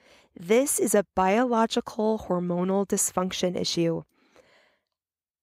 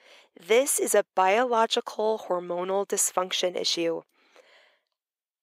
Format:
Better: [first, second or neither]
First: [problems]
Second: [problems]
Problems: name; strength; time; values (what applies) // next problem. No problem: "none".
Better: first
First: none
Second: thin; somewhat; fading below 500 Hz